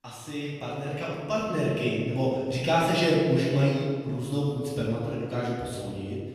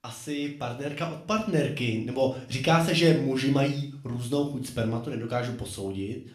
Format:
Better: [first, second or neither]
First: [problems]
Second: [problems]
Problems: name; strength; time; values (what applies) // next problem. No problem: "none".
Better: second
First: room echo; strong; dies away in 1.7 s // off-mic speech; far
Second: room echo; slight; dies away in 0.4 s // off-mic speech; somewhat distant